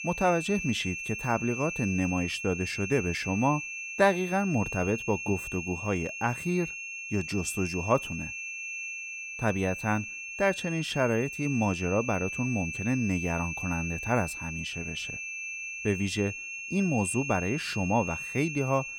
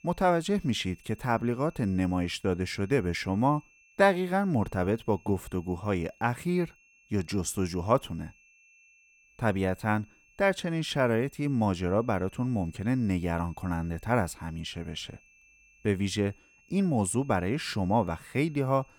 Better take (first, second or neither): second